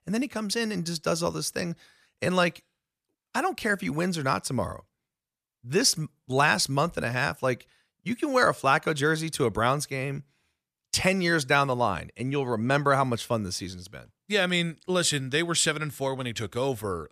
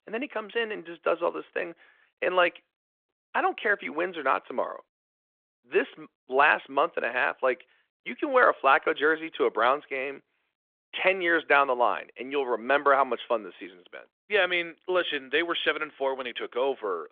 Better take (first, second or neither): first